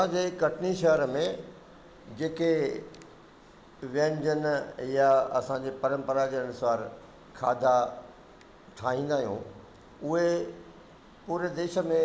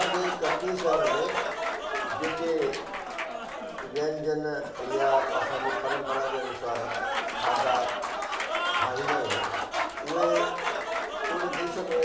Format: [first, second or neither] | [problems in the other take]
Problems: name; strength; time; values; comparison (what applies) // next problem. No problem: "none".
first | background sound (Applause / Crowd); 1 dB above the speech // room echo; dies away in 0.7 s